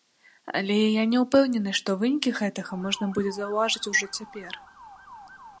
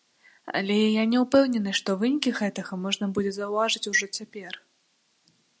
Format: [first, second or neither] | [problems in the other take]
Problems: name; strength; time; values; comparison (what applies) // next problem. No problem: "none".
second | background sound (Motor vehicle (road) / Siren); 19 dB below the speech